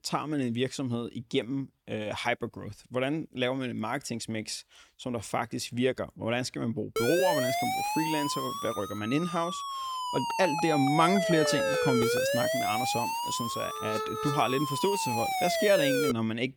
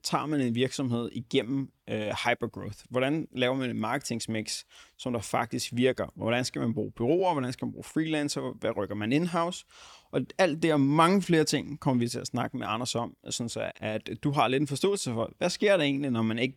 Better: second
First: siren; loud; from 7 s on; peak 4 dB above the speech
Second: none

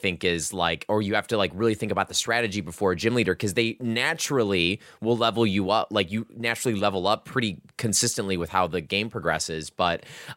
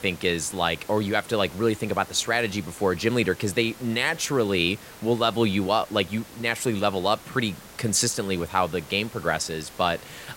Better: first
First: none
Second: hiss; noticeable; throughout; 20 dB below the speech

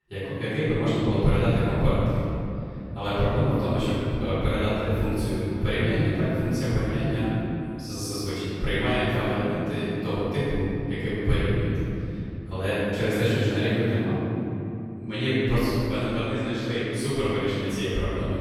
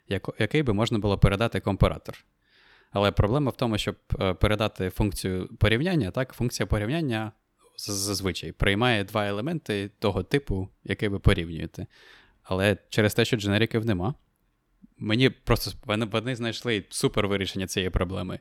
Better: second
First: off-mic speech; far // room echo; strong; dies away in 3 s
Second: none

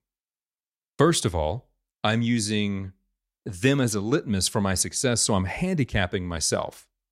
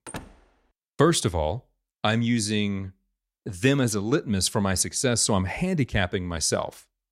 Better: first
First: none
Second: door banging; faint; at the start; peak 15 dB below the speech

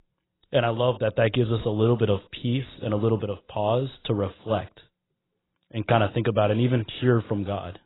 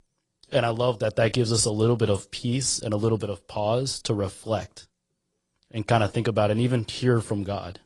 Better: second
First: garbled, watery; badly; nothing above 4 kHz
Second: garbled, watery; slightly

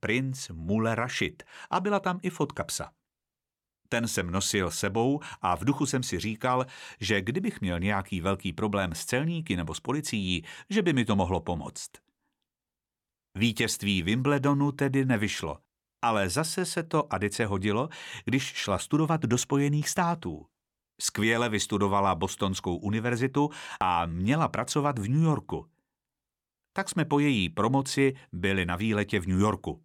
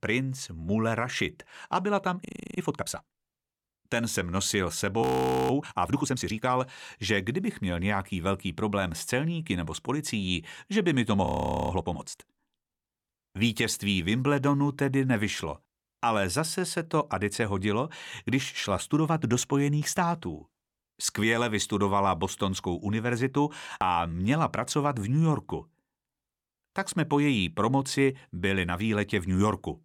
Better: first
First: none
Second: audio freezing; at 2.5 s, at 5 s and at 11 s

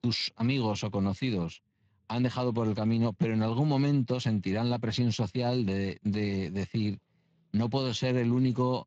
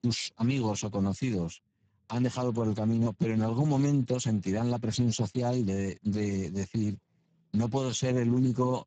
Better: first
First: garbled, watery; slightly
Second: garbled, watery; badly; nothing above 7.5 kHz

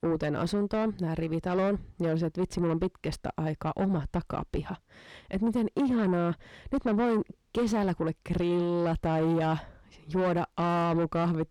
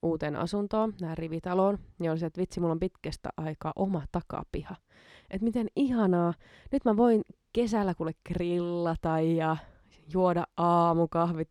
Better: second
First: distortion; heavy; 8 dB below the speech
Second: none

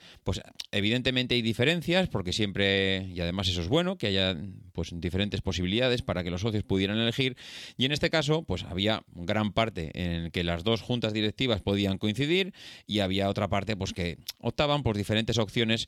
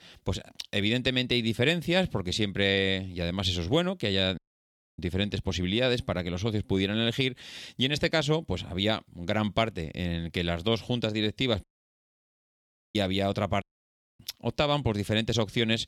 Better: first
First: none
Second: audio cutting out; at 4.5 s for 0.5 s, at 12 s for 1.5 s and at 14 s for 0.5 s

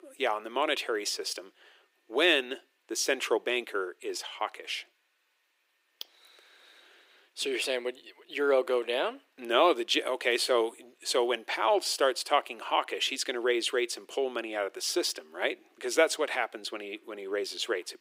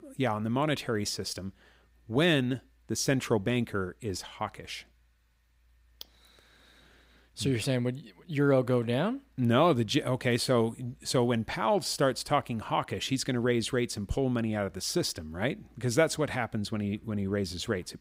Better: second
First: thin; very; fading below 350 Hz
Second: none

